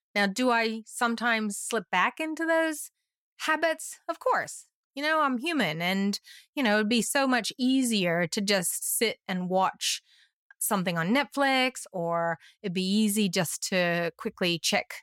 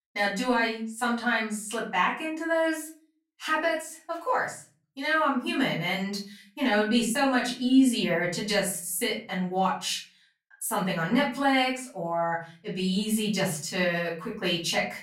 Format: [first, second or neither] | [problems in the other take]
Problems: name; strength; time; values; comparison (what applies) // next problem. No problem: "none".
first | room echo; slight; dies away in 0.4 s // off-mic speech; far